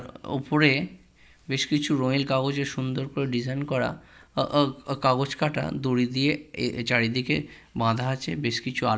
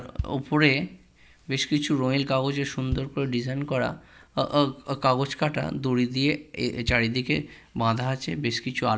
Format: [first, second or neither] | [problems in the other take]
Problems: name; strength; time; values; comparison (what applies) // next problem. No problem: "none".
first | background sound (Bass drum); 14 dB below the speech